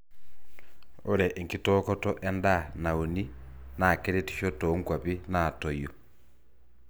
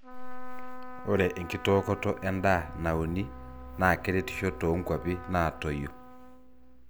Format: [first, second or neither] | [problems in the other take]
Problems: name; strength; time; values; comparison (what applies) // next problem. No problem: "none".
first | background sound (Trumpet); 16 dB below the speech